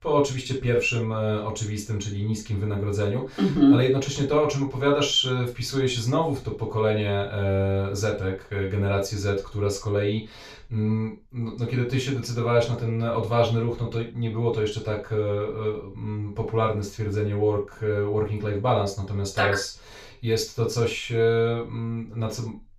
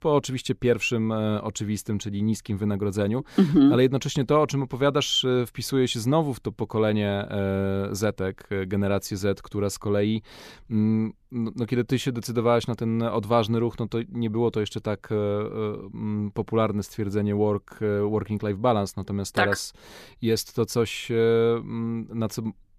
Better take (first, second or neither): second